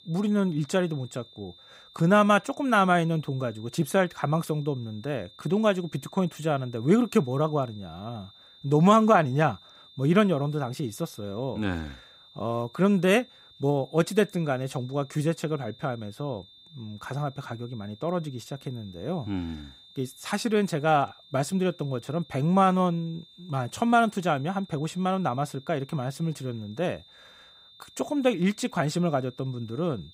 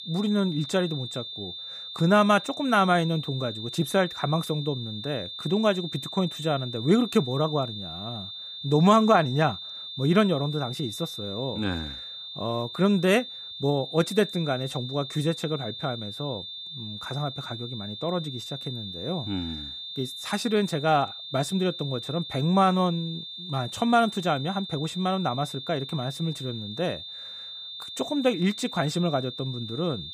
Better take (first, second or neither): first